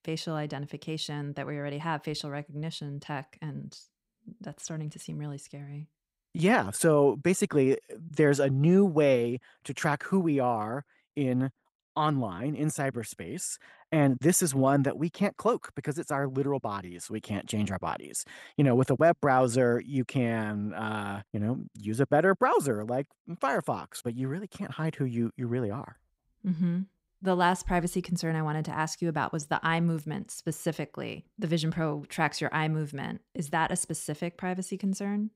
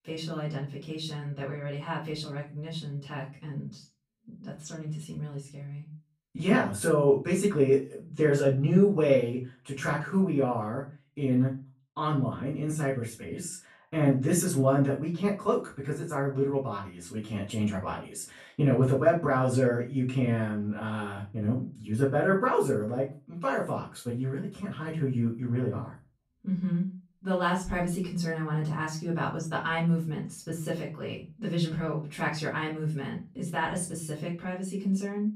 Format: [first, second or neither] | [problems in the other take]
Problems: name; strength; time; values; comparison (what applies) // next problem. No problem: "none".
first | off-mic speech; far // room echo; slight; dies away in 0.3 s